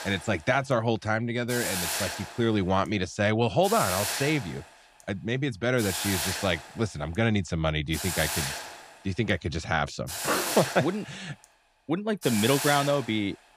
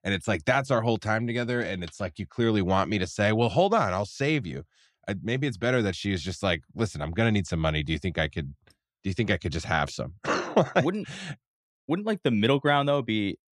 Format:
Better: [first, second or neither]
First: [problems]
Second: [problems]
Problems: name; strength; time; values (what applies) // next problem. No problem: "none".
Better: second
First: hiss; loud; throughout; 4 dB below the speech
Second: none